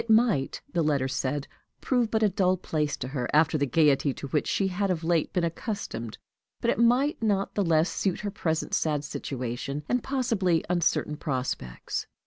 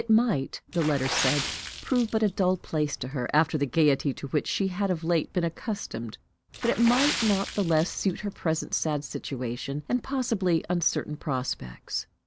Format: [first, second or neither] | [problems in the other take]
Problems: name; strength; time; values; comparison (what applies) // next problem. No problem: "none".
first | background sound (Water / Splash, splatter); 12 dB below the speech